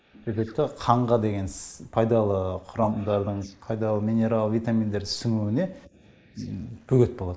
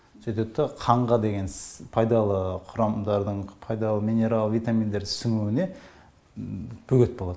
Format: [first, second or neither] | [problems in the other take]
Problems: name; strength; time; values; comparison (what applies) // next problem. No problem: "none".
second | noise reduction (neural mask model Resemble Enhance denoiser)